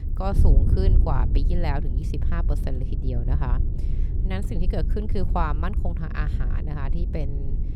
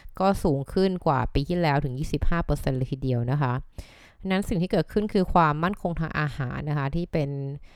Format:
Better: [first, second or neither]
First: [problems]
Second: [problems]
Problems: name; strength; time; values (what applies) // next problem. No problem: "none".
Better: second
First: wind noise on the microphone; heavy; 8 dB below the speech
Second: none